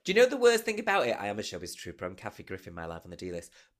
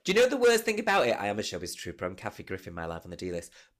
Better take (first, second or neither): first